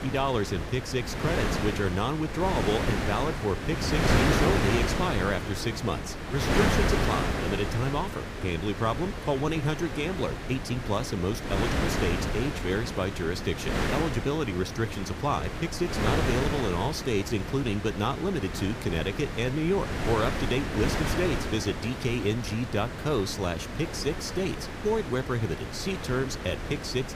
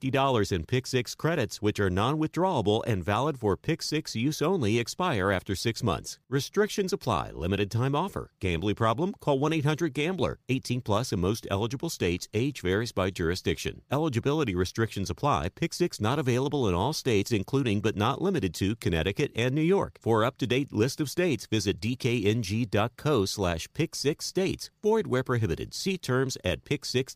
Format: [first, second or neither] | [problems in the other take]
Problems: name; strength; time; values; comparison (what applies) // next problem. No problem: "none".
second | wind noise on the microphone; heavy; 2 dB below the speech